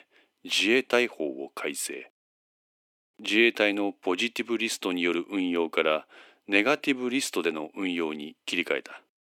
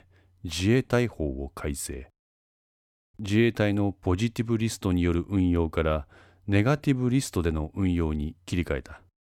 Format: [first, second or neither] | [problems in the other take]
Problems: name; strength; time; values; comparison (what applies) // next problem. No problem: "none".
second | thin; somewhat; fading below 300 Hz